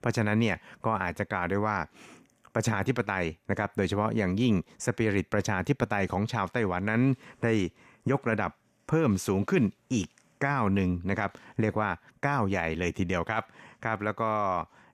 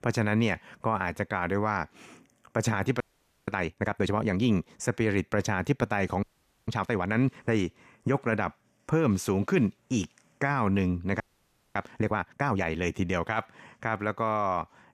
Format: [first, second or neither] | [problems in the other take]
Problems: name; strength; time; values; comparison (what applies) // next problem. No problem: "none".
first | audio freezing; at 3 s, at 6 s and at 11 s for 0.5 s